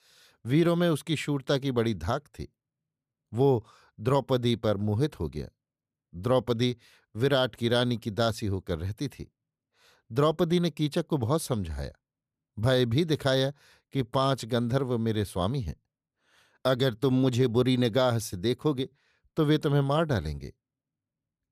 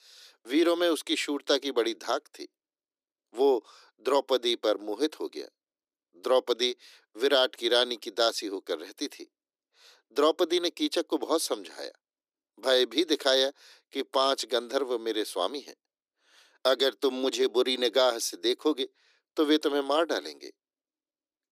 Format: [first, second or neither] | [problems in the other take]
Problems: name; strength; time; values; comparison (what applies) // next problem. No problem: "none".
first | thin; somewhat; fading below 300 Hz